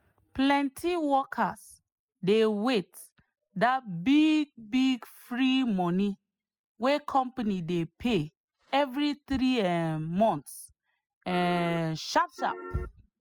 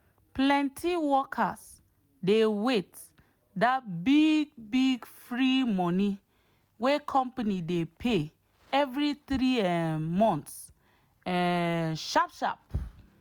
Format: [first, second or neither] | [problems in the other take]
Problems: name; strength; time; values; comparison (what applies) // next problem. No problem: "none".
second | noise reduction (classical method spectral subtraction)